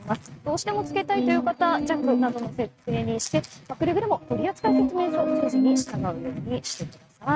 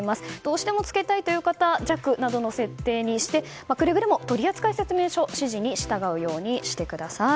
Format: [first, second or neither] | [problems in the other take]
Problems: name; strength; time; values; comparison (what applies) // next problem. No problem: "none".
second | noise reduction (neural mask model RNNoise)